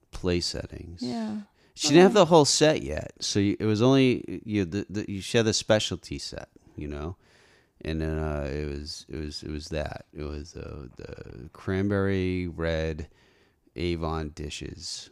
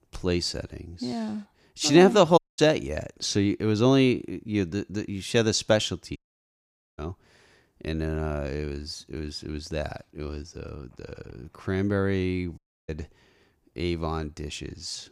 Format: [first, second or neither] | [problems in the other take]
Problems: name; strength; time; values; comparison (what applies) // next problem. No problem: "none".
first | audio cutting out; at 2.5 s, at 6 s for 1 s and at 13 s